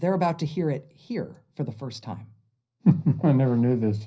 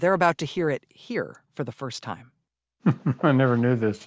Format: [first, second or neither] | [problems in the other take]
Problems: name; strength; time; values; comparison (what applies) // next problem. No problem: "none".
second | room echo; dies away in 0.4 s